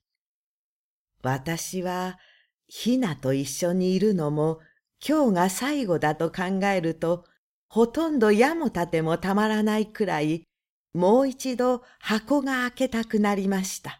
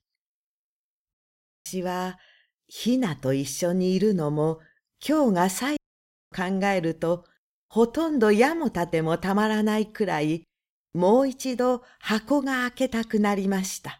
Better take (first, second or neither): first